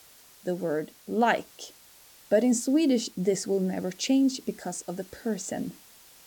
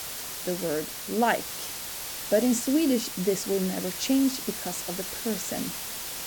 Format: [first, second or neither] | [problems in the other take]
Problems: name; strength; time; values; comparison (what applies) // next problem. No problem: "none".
first | hiss; loud; throughout; 5 dB below the speech; faint in the first